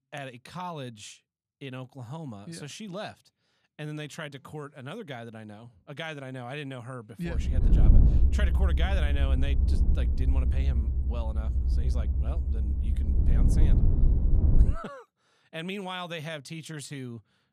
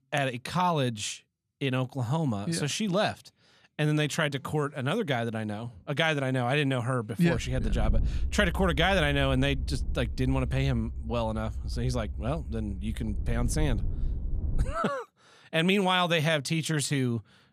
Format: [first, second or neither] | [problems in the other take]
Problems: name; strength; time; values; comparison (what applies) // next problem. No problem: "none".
second | low rumble; loud; from 7.5 to 15 s; 3 dB below the speech; faint in the second